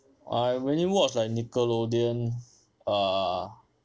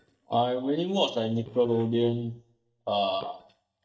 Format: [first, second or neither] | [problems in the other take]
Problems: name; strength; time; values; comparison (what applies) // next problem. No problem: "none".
first | noise reduction (neural mask model DeepFilterNet 3)